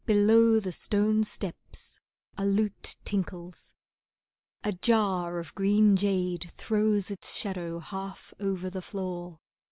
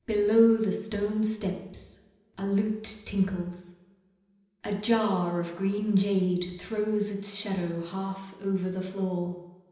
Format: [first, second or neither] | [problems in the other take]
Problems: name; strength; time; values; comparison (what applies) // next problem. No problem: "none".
first | room echo; dies away in 0.9 s